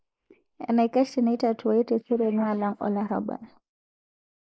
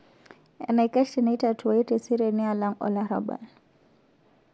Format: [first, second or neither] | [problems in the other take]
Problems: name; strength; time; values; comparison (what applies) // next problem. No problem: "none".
second | noise reduction (neural mask model Resemble Enhance denoiser)